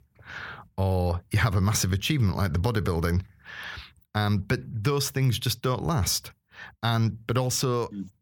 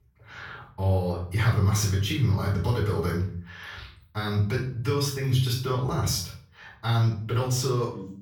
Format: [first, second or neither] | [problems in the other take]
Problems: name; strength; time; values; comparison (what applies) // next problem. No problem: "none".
first | off-mic speech; far // room echo; noticeable; dies away in 0.4 s